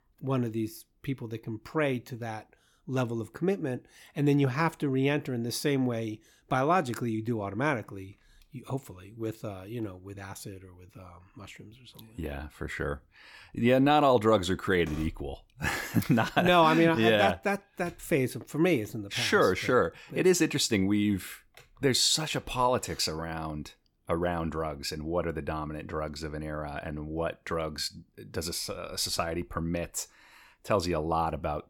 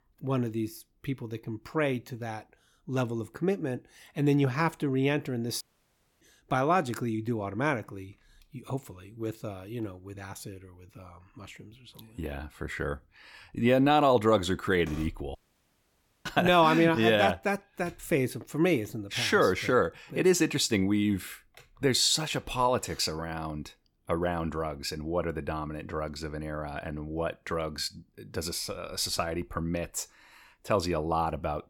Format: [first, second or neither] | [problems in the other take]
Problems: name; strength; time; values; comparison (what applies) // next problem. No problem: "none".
first | audio cutting out; at 5.5 s for 0.5 s and at 15 s for 1 s